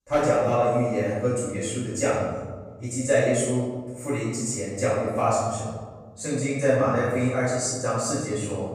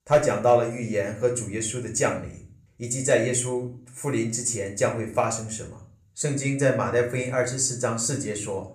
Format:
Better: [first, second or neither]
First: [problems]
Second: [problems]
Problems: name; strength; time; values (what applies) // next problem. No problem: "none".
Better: second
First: room echo; strong; dies away in 1.3 s // off-mic speech; far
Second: room echo; slight; dies away in 0.4 s // off-mic speech; somewhat distant